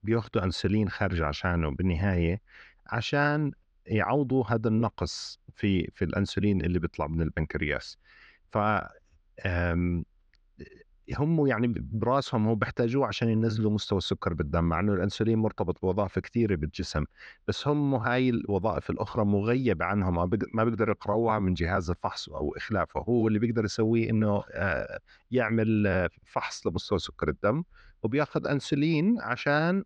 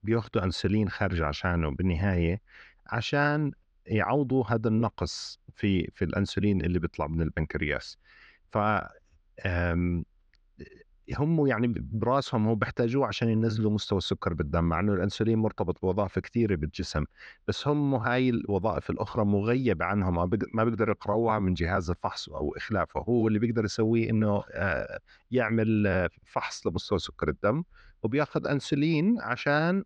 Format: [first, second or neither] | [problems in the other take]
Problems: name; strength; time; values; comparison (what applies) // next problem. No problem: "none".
neither | muffled; slightly; fading above 4 kHz; the same in both